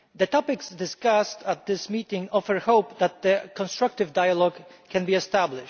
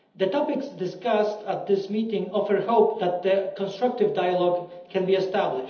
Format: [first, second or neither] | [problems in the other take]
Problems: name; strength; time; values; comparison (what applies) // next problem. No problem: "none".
first | room echo; dies away in 1.2 s